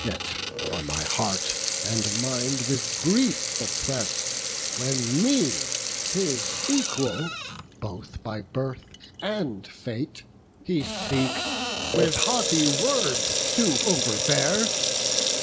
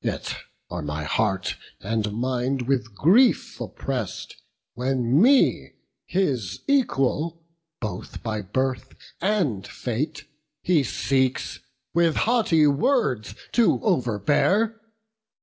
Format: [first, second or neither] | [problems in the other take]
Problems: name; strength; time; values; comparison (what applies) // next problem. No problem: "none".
second | background sound (Sink (filling or washing) / Water tap, faucet); as loud as the speech